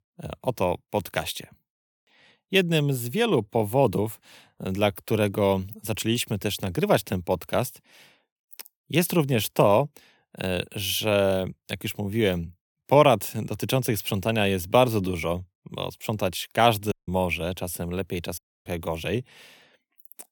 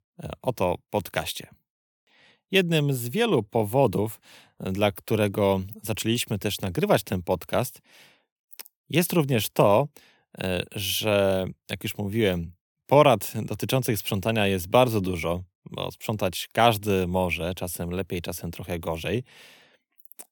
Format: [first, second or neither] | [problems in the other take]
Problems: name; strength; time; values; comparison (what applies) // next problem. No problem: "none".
second | audio cutting out; at 17 s and at 18 s